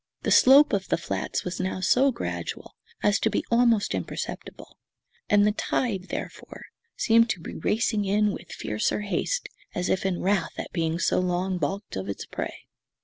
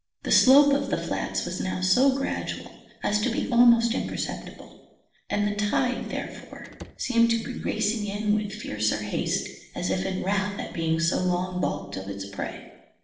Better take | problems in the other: first | noise reduction (neural separator model SepFormer DNS4)

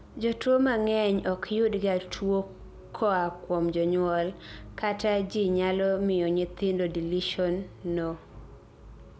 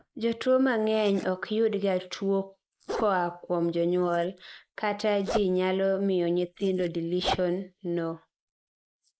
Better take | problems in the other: first | noise reduction (neural mask model Resemble Enhance denoiser)

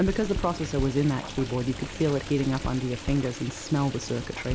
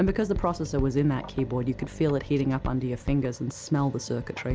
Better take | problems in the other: second | background sound (Stream); 13 dB below the speech

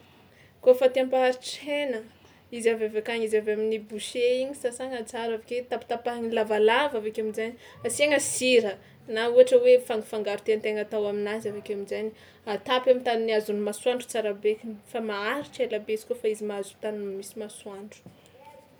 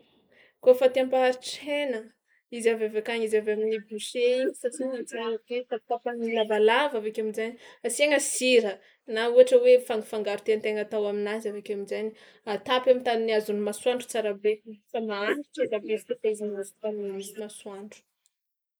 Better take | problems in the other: first | noise reduction (neural mask model Resemble Enhance denoiser)

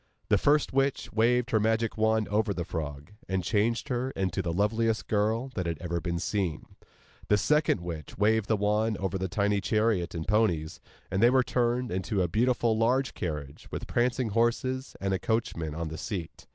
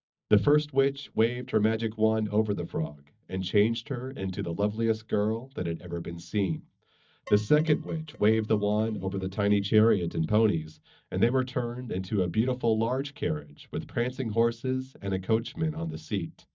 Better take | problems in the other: first | noise reduction (neural mask model DeepFilterNet 3)

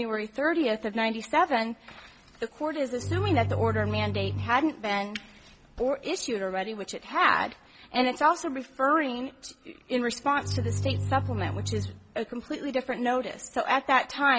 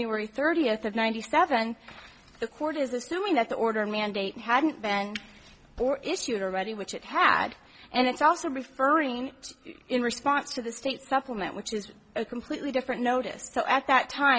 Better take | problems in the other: second | background sound (Bowed string instrument); 3 dB below the speech

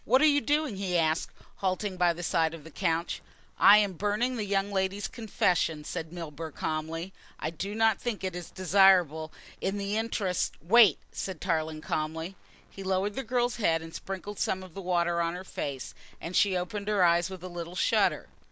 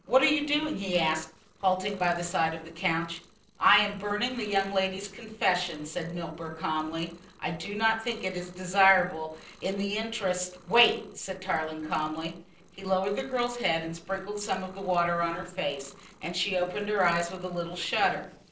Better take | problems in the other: first | noise reduction (neural separator model SepFormer DNS4)

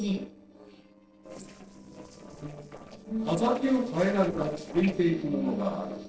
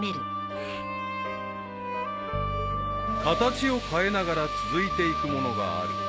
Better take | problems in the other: second | noise reduction (neural separator model SepFormer DNS4)

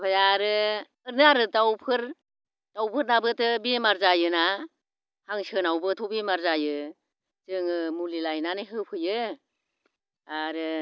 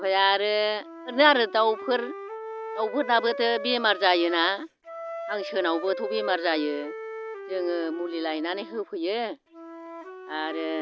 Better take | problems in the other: first | background sound (Wind instrument, woodwind instrument); 11 dB below the speech

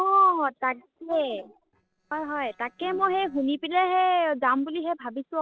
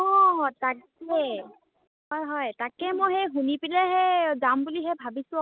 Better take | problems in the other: second | noise reduction (neural separator model SepFormer DNS4)

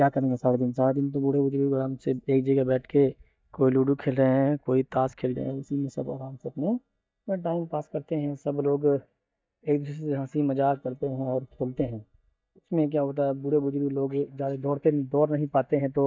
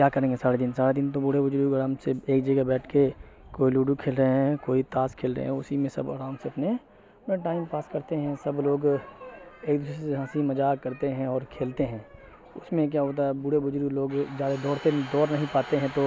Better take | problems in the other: second | noise reduction (neural mask model DeepFilterNet 3)

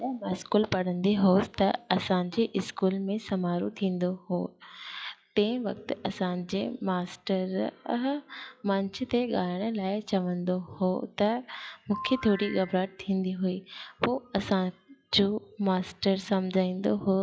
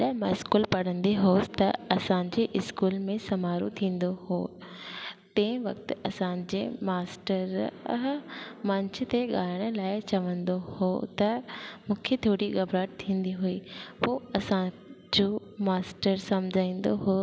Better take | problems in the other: second | noise reduction (classical method log-MMSE)

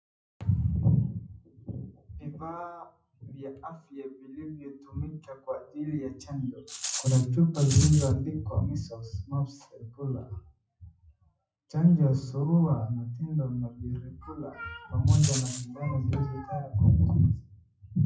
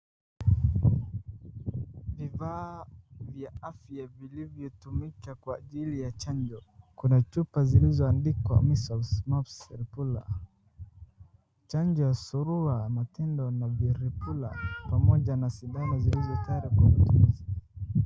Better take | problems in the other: second | noise reduction (classical method WPE with log-MMSE)

